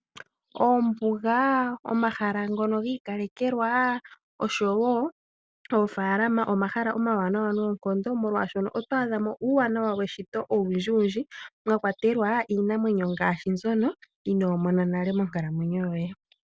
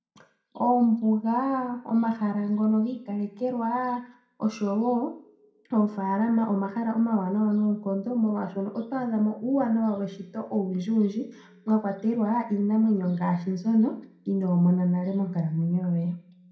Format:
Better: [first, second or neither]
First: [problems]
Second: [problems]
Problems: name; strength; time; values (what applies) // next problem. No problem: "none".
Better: first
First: none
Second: room echo; dies away in 0.4 s